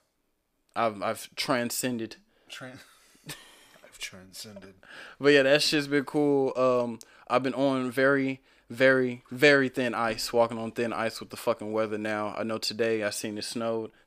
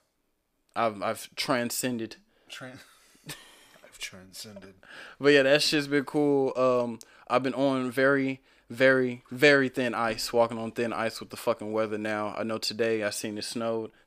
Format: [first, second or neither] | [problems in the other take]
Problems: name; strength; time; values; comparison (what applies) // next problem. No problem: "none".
neither | none